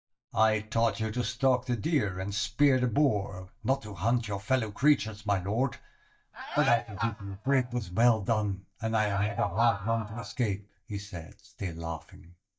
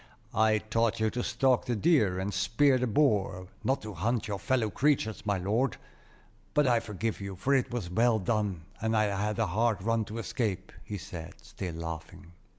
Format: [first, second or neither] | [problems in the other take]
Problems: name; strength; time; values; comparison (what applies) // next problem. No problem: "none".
second | noise reduction (neural mask model DeepFilterNet 3)